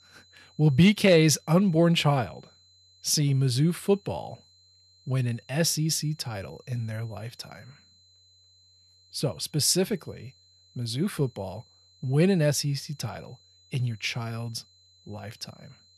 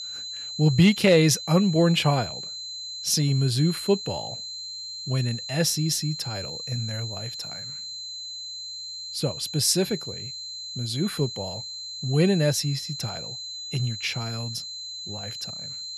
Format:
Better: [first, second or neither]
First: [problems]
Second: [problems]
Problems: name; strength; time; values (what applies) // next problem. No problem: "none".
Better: first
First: high-pitched whine; faint; throughout; 4 kHz, 30 dB below the speech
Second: high-pitched whine; loud; throughout; 4 kHz, 9 dB below the speech